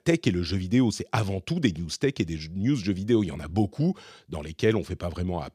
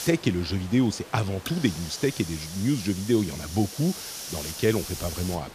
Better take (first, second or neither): first